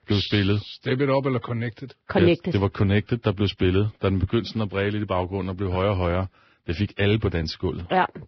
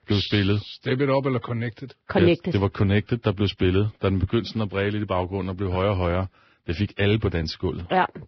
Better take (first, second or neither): neither